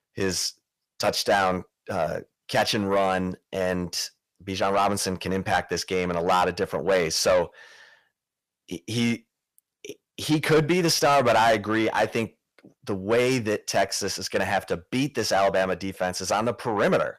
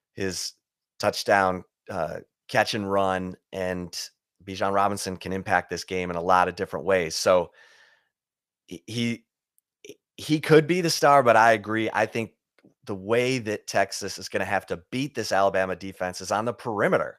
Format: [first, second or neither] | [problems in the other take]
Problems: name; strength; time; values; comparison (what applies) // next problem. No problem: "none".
second | distortion; heavy; 7 dB below the speech